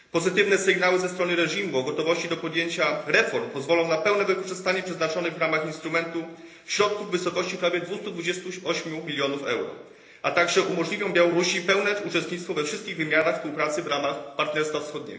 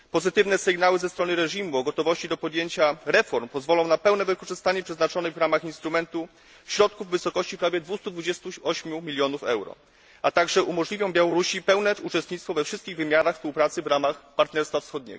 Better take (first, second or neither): second